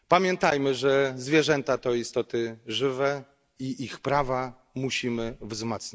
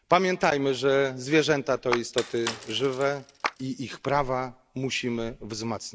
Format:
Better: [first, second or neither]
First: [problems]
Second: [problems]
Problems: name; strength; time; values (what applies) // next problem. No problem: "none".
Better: first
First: none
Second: background sound (Bicycle + Clapping); 10 dB below the speech